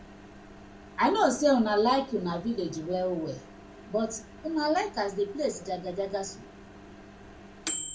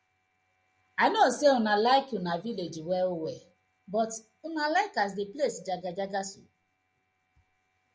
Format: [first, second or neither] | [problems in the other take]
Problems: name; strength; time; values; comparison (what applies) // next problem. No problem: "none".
second | background sound (Microwave oven); 14 dB below the speech // room echo; dies away in 0.2 s